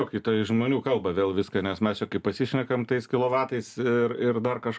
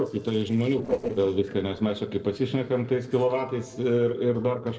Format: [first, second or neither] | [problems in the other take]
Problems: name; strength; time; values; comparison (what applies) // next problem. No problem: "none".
first | noise reduction (neural separator model SepFormer DNS4)